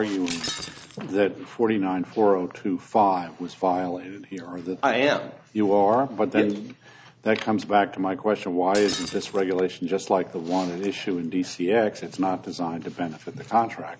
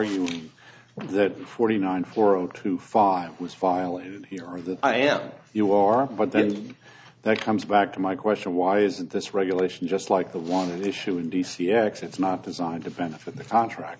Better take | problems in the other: second | background sound (Shatter); 14 dB below the speech

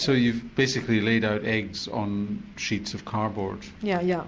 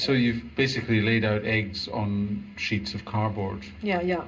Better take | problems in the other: first | room echo; dies away in 0.2 s

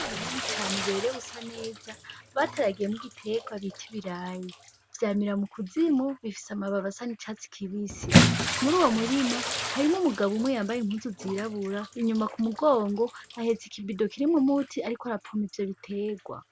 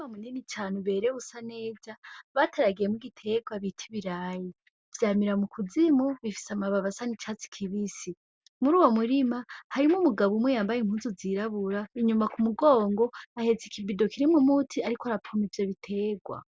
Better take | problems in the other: second | background sound (Bathtub (filling or washing) / Splash, splatter); 4 dB below the speech

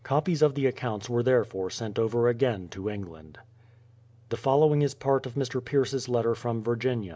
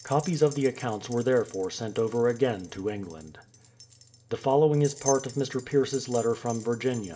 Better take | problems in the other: first | background sound (Keys jangling); 17 dB below the speech // room echo; dies away in 0.4 s

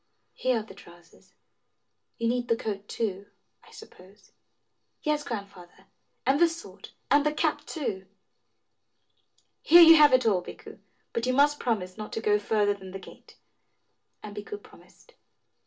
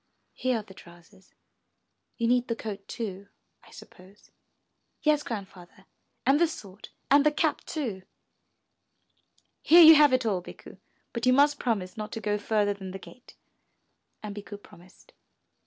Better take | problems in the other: second | room echo; dies away in 0.2 s

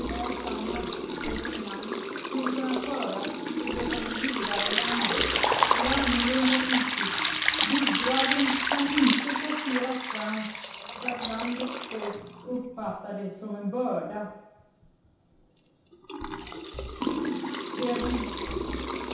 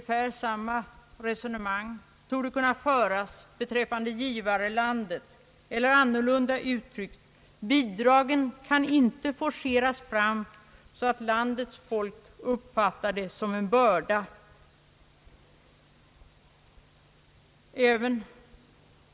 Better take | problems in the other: second | background sound (Liquid); 1 dB above the speech // room echo; dies away in 0.8 s

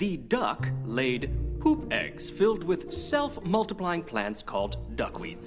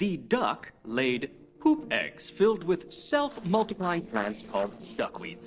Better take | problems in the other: first | noise reduction (neural separator model SepFormer DNS4)

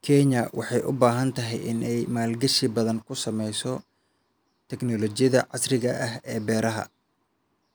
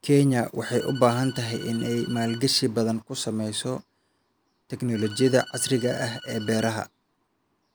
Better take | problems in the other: first | background sound (Bowed string instrument); 18 dB below the speech

